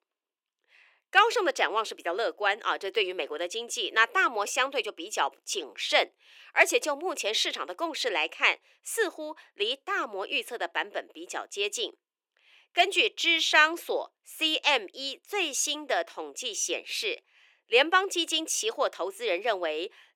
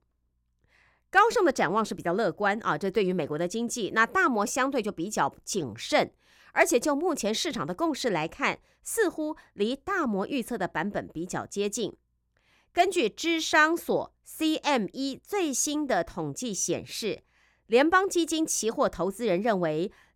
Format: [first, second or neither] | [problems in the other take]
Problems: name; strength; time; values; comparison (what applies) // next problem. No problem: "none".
second | thin; very; fading below 400 Hz